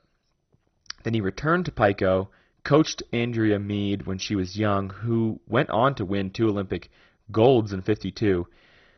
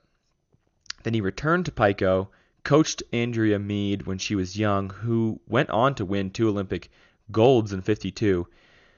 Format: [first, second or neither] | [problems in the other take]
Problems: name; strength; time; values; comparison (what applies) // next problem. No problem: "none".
second | garbled, watery; badly; nothing above 6 kHz; slightly in the second